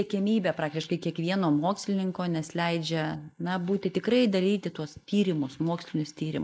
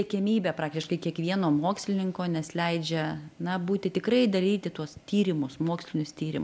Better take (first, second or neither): second